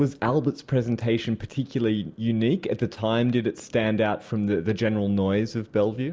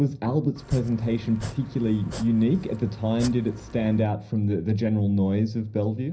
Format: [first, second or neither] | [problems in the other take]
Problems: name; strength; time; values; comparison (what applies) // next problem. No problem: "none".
first | background sound (Domestic sounds, home sounds); 16 dB below the speech // room echo; dies away in 0.5 s